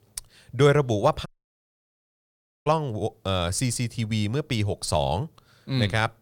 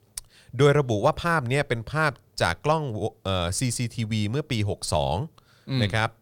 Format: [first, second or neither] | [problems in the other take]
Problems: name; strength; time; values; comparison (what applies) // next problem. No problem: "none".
second | audio cutting out; at 1.5 s for 1.5 s